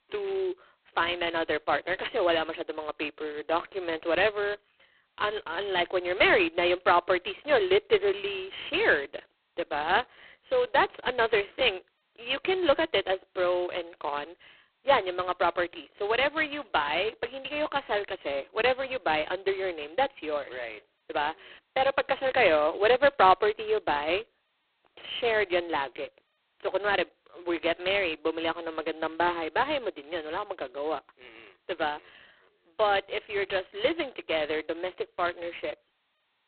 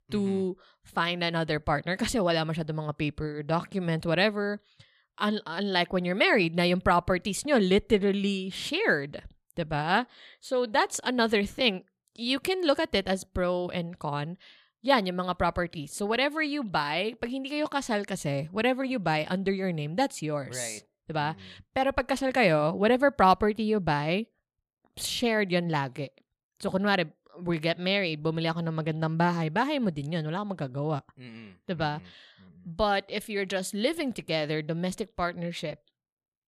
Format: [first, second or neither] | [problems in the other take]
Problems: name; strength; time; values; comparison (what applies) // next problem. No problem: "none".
second | phone-call audio; poor line; nothing above 4 kHz